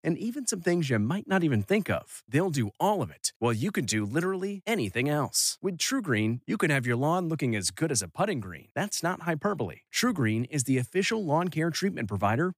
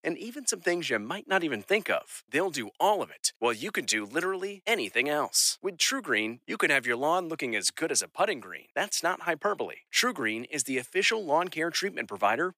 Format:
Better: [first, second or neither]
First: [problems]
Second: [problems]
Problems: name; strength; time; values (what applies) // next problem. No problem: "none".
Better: first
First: none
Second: thin; somewhat; fading below 450 Hz